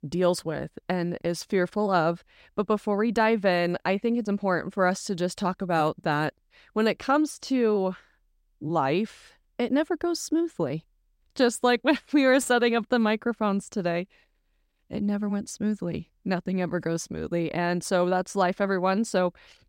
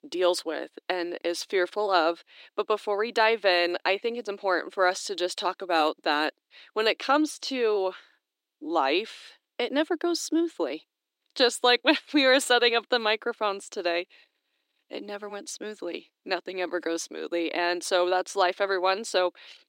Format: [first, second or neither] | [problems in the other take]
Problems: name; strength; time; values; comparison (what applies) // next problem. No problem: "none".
first | thin; somewhat; fading below 300 Hz